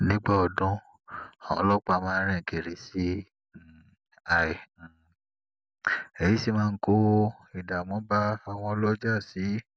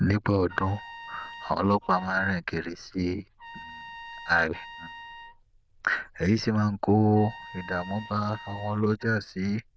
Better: first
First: none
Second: noise reduction (neural diffusion model UNIVERSE++)

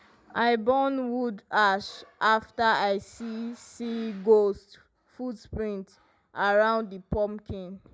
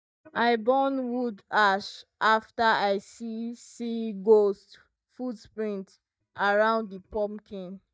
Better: first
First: none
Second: noise reduction (neural mask model DeepFilterNet 3)

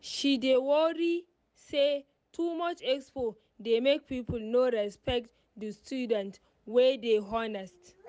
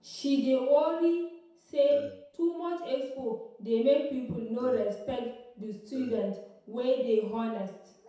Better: first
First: none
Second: background sound (Burping, eructation); 18 dB below the speech // room echo; dies away in 0.7 s

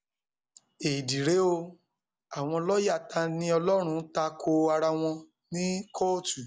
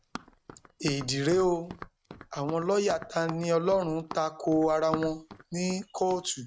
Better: first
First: none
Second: noise reduction (neural mask model RNNoise)

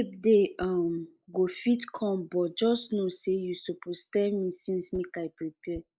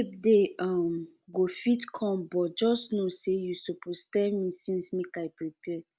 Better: second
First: noise reduction (neural mask model Resemble Enhance denoiser)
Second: none

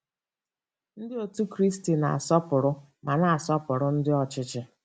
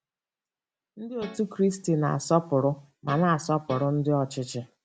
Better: first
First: none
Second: background sound (Guitar); 16 dB below the speech

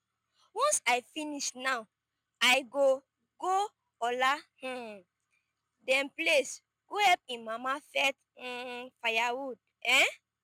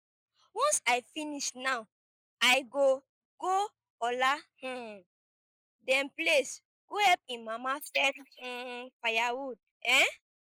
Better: first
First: none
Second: noise reduction (neural mask model Resemble Enhance denoiser)

